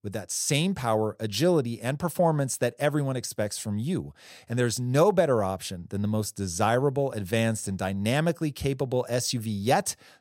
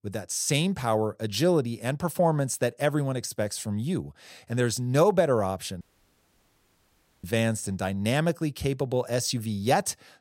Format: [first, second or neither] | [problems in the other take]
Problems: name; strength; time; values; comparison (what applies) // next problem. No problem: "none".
first | audio cutting out; at 6 s for 1.5 s